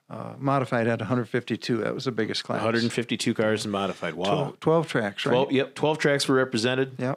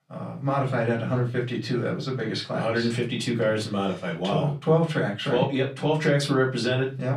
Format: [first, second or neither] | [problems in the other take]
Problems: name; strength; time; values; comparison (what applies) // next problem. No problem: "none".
first | off-mic speech; far // room echo; very slight; dies away in 0.3 s